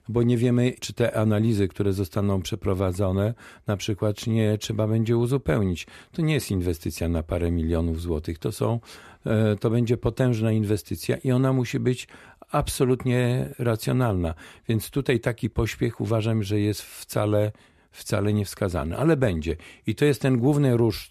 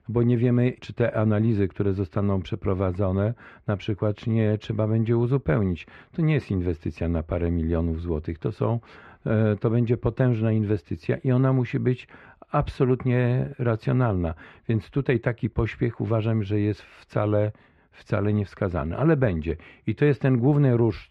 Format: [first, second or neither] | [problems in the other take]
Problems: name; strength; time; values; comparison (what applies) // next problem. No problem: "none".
first | muffled; very; fading above 2 kHz